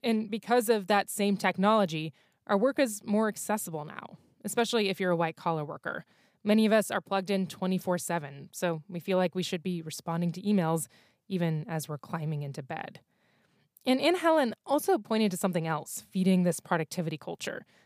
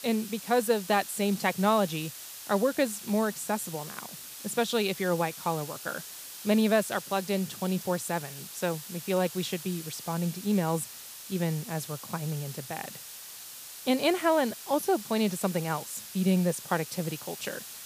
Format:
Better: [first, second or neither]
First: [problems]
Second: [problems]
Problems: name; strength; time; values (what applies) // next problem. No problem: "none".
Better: first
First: none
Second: hiss; noticeable; throughout; 10 dB below the speech